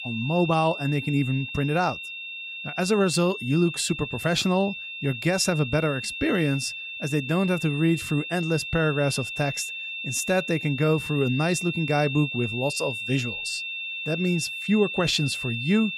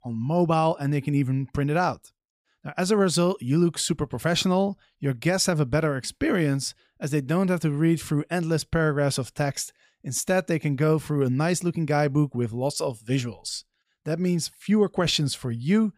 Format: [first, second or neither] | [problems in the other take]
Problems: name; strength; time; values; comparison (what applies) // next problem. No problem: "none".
second | high-pitched whine; loud; throughout; 2.5 kHz, 6 dB below the speech